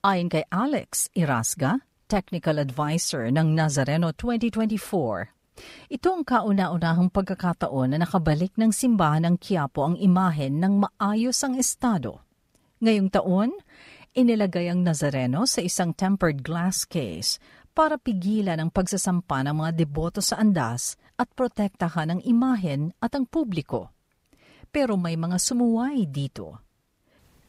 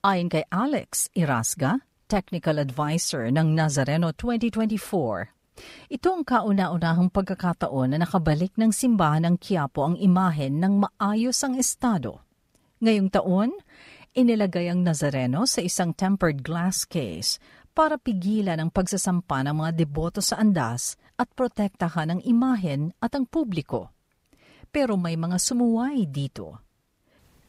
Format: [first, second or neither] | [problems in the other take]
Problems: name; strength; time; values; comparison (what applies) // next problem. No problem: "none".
neither | none